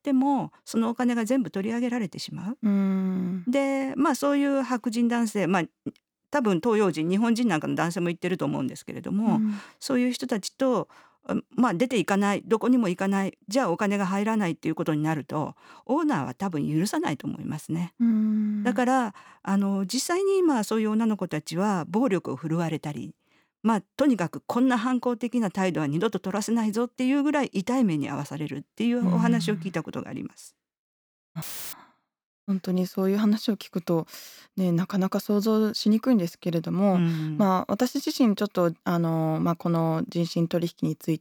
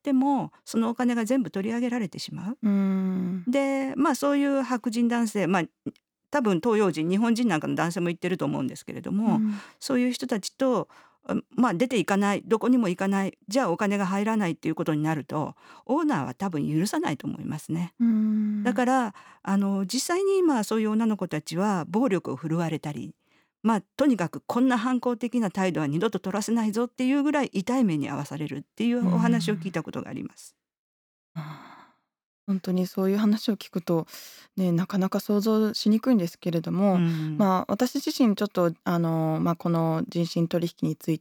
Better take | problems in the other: second | audio cutting out; filled with static; at 31 s

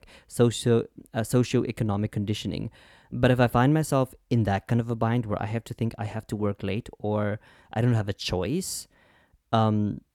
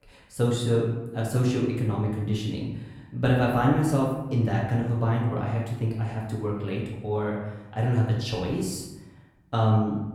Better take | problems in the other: first | room echo; noticeable; dies away in 0.9 s // off-mic speech; far

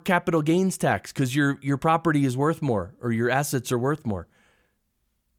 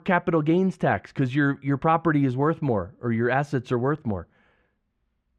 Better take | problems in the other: first | muffled; very; fading above 2.5 kHz

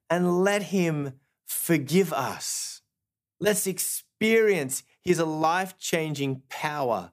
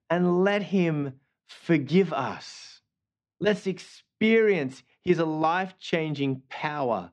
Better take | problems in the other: first | muffled; slightly; fading above 4.5 kHz

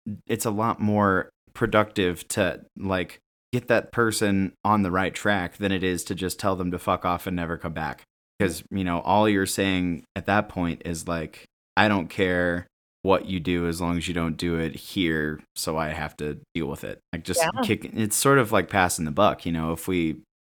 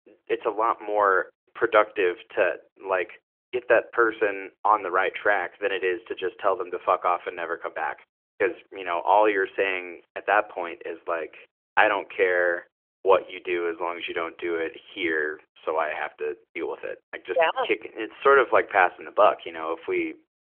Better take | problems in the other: first | phone-call audio; nothing above 3 kHz

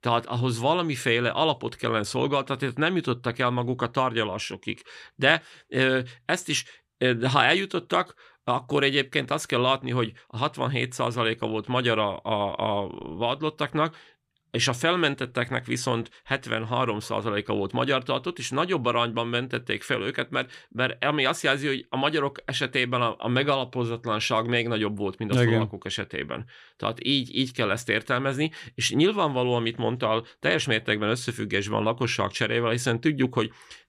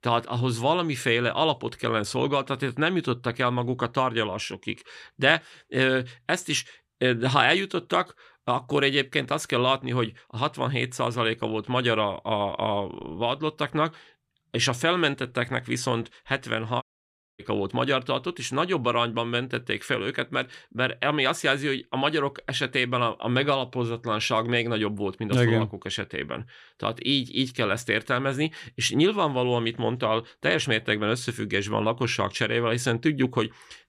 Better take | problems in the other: first | audio cutting out; at 17 s for 0.5 s

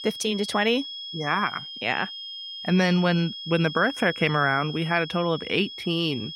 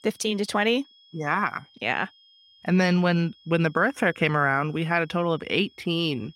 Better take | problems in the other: second | high-pitched whine; loud; throughout; 3.5 kHz, 10 dB below the speech; faint in the second

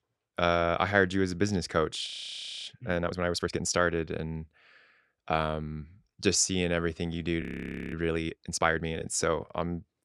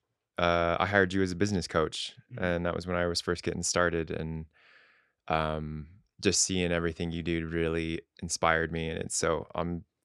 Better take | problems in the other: second | audio freezing; at 2 s for 0.5 s and at 7.5 s for 0.5 s

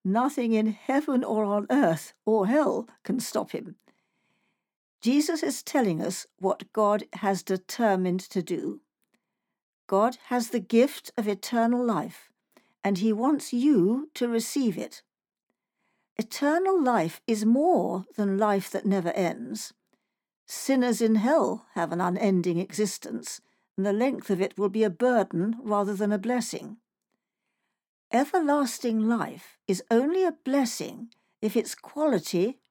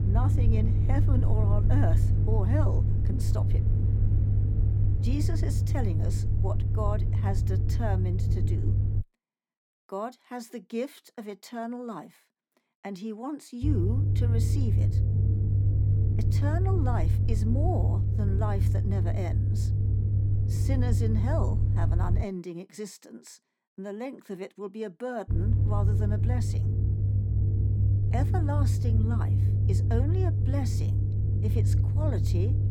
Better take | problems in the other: first | low rumble; loud; until 9 s, from 14 to 22 s and from 25 s on; 2 dB below the speech

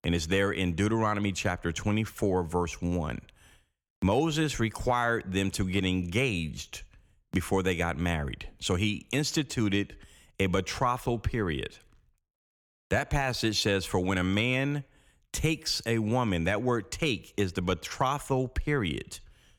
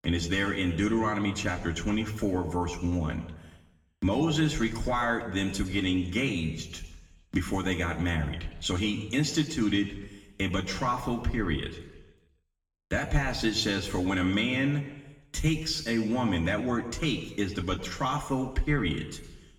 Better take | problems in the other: first | room echo; slight; dies away in 1 s // off-mic speech; far

